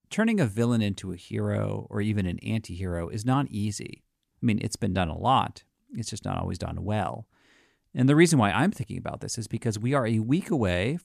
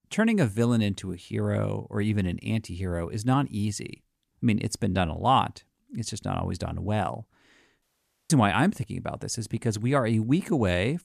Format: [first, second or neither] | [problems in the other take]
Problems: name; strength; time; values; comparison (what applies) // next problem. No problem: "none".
first | audio cutting out; at 8 s